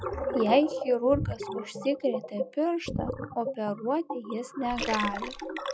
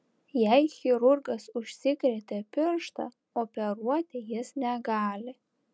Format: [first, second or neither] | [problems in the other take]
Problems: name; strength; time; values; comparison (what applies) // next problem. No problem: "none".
second | noise reduction (classical method log-MMSE)